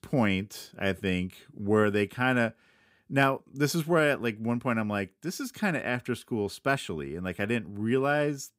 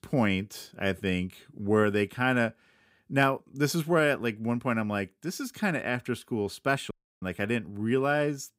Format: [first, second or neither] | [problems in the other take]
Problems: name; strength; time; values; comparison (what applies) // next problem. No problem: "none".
first | audio cutting out; at 7 s